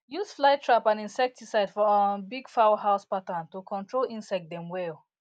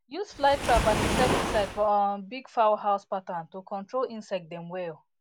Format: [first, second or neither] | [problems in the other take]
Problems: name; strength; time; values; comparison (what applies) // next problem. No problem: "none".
first | background sound (Waves, surf); 5 dB below the speech